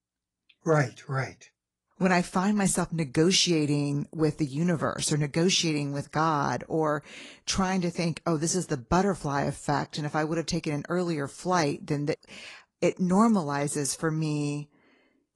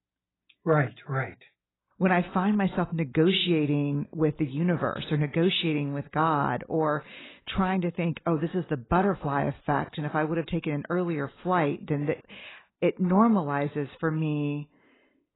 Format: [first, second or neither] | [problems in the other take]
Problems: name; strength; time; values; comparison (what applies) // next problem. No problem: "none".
first | garbled, watery; badly; nothing above 4 kHz; slightly in the first